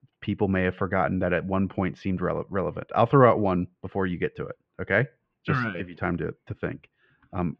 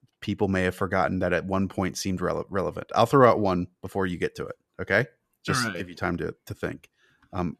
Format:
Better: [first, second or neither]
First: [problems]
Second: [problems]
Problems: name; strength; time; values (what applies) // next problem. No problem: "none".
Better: second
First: muffled; very; fading above 2.5 kHz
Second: none